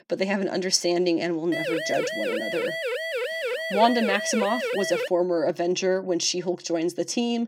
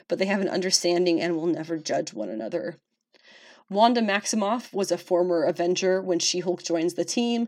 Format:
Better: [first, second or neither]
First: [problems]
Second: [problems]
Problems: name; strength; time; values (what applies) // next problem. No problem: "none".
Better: second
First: siren; noticeable; from 1.5 to 5 s; peak 2 dB below the speech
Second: none